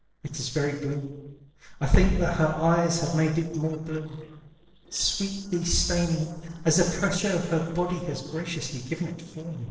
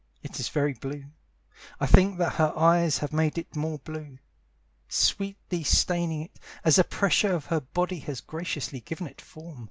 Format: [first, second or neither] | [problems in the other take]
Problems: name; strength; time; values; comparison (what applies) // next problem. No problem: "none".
second | noise reduction (neural separator model SepFormer DNS4)